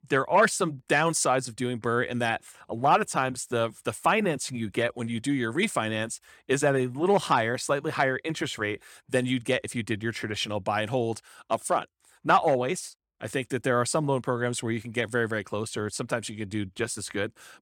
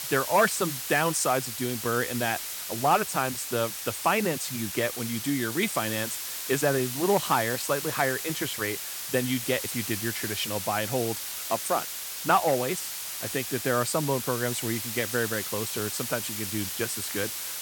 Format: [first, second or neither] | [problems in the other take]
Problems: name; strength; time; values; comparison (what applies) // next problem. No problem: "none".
first | hiss; loud; throughout; 4 dB below the speech